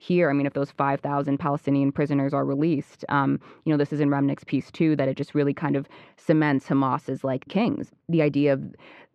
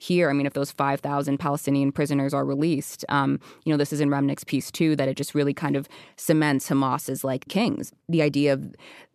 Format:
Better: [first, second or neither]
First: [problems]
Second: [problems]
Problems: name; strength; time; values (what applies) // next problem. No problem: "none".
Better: second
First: muffled; slightly; fading above 2.5 kHz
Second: none